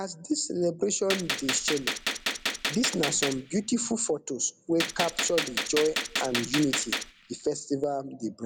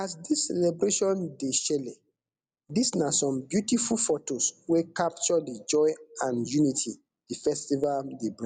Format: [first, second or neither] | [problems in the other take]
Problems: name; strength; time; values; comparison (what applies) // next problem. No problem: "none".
second | background sound (Gunshot, gunfire); 3 dB below the speech